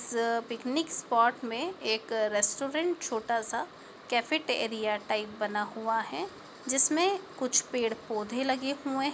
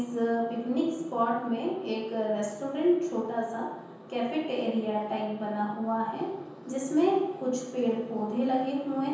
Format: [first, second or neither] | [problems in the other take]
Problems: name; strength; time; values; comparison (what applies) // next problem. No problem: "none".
first | room echo; dies away in 0.9 s